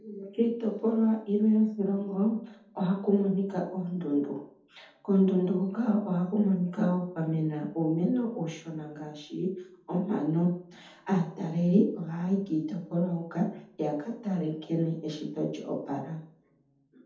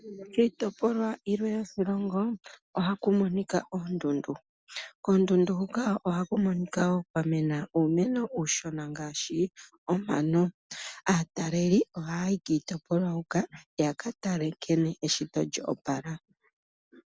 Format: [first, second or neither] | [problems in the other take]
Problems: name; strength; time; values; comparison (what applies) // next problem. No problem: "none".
second | room echo; dies away in 0.6 s